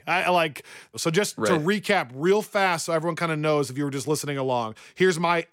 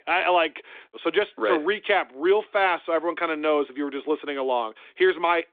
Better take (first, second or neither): first